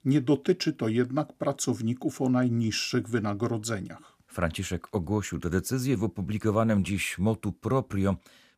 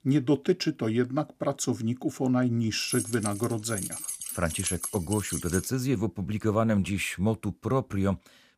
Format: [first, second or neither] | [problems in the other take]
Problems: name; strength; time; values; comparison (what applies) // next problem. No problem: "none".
first | jangling keys; noticeable; from 3 to 5.5 s; peak 2 dB below the speech